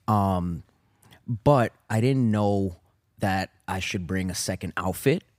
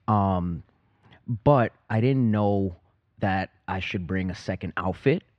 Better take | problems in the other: first | muffled; slightly; fading above 3.5 kHz

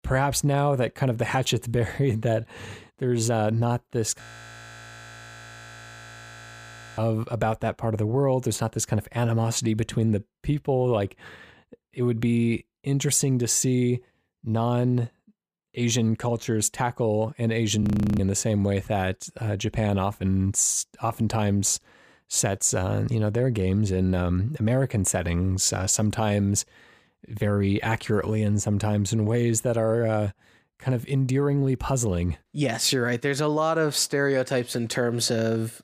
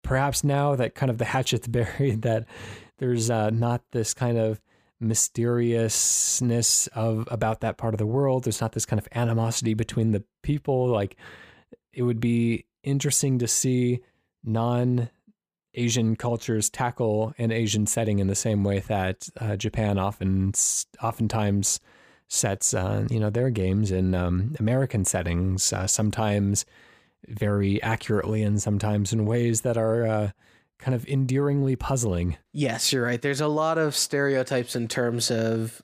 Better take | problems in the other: second | audio freezing; at 4 s for 3 s and at 18 s

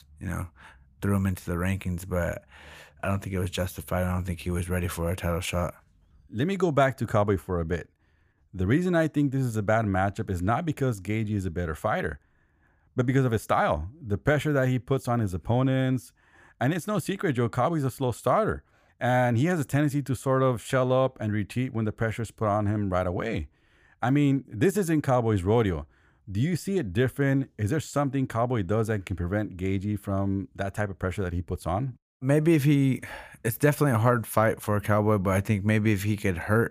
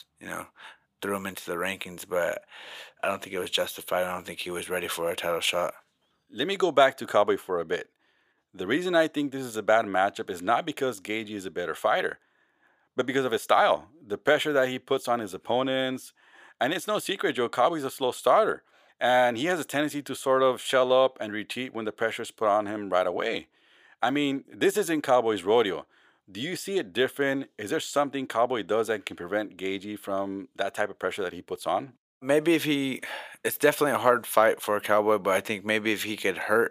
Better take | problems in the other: first | thin; somewhat; fading below 450 Hz

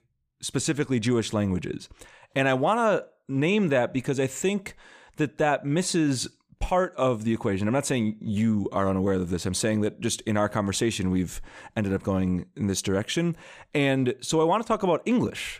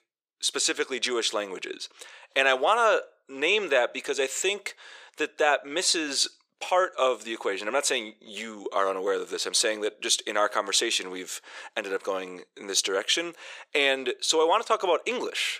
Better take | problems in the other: first | thin; very; fading below 400 Hz

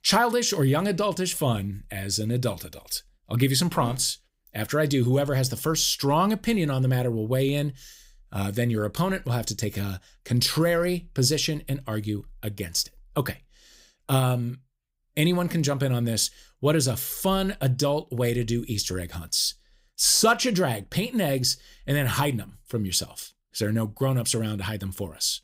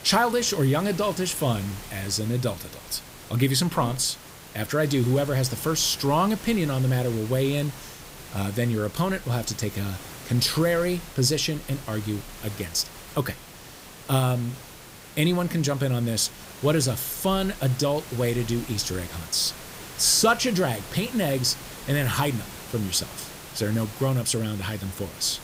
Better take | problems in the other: first | hiss; noticeable; throughout; 15 dB below the speech

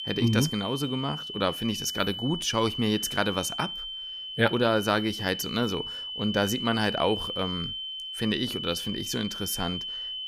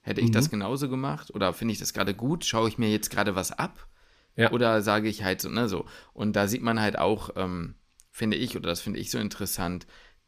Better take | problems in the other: second | high-pitched whine; loud; throughout; 3 kHz, 5 dB below the speech

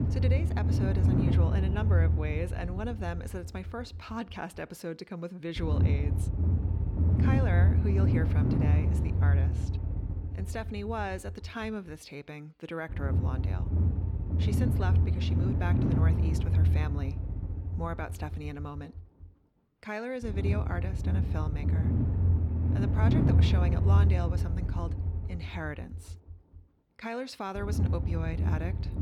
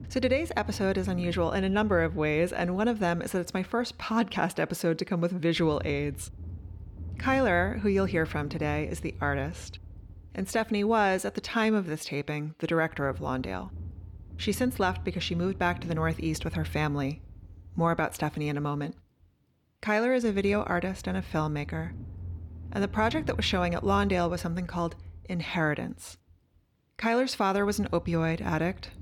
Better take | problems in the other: second | low rumble; loud; throughout; 1 dB below the speech; faint in the second

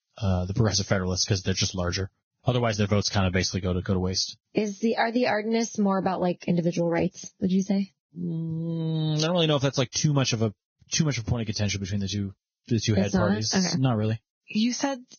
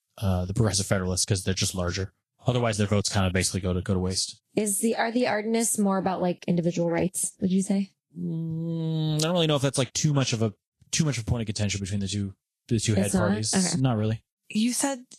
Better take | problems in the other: second | garbled, watery; badly; nothing above 6.5 kHz; slightly in the second

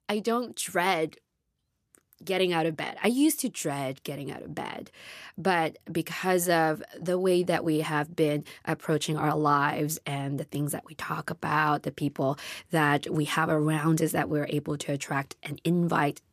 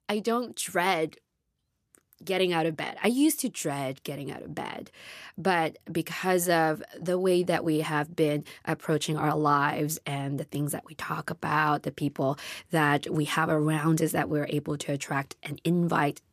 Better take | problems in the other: neither | none

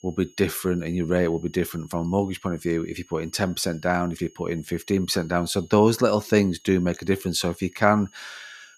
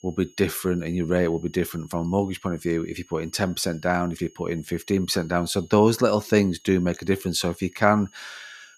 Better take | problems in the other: neither | high-pitched whine; faint; throughout; 6.5 kHz, 30 dB below the speech; the same in both

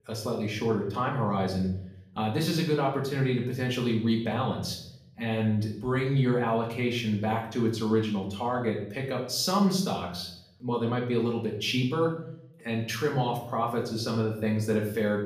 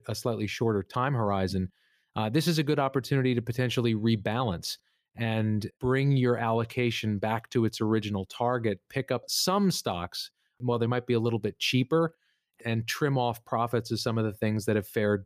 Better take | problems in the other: second | room echo; noticeable; dies away in 0.6 s // off-mic speech; far

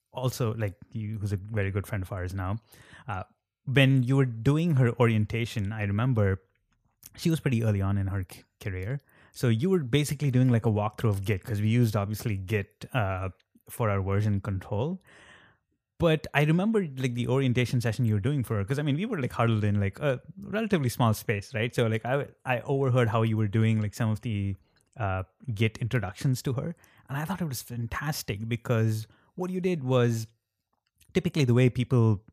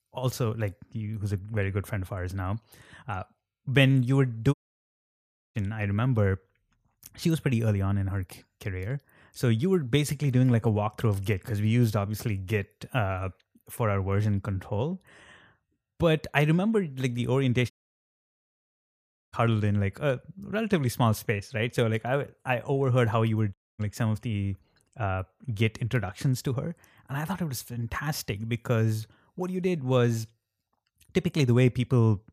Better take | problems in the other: first | audio cutting out; at 4.5 s for 1 s, at 18 s for 1.5 s and at 24 s

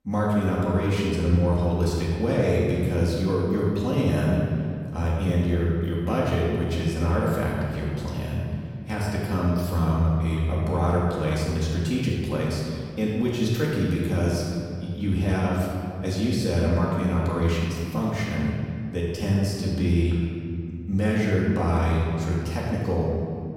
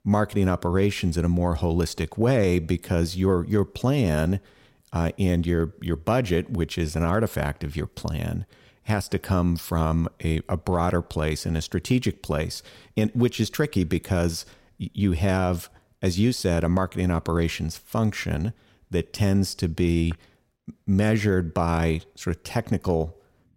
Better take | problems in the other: second | room echo; strong; dies away in 2.1 s // off-mic speech; far

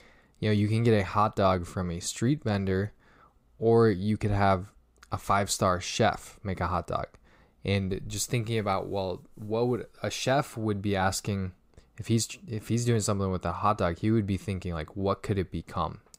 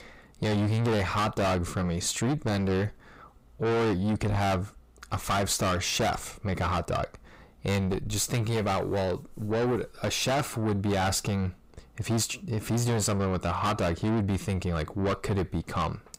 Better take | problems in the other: first | distortion; heavy; 6 dB below the speech

